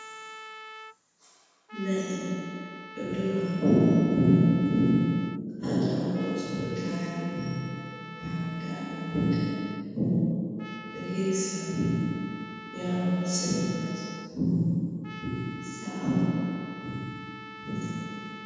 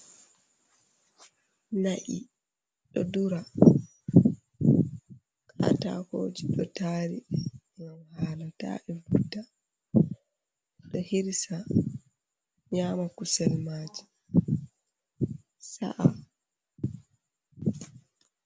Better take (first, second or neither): second